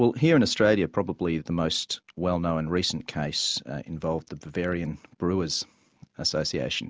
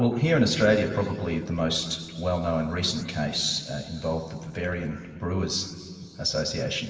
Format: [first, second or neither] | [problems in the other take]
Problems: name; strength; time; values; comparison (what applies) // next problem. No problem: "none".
first | room echo; dies away in 2.6 s